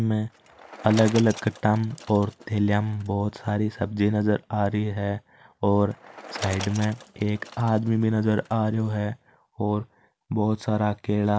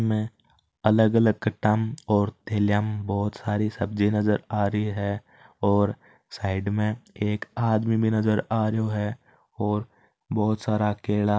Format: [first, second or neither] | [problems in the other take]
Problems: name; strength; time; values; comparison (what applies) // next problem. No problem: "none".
second | background sound (Bicycle); 18 dB below the speech